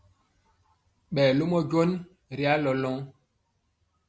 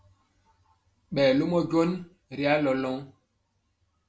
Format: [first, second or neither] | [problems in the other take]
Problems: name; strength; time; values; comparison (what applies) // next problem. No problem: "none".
first | room echo; dies away in 0.2 s